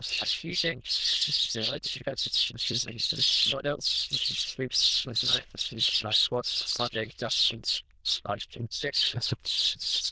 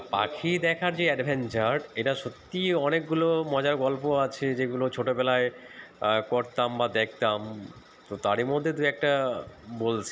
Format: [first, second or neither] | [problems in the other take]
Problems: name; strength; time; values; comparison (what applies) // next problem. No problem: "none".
second | noise reduction (neural diffusion model UNIVERSE++)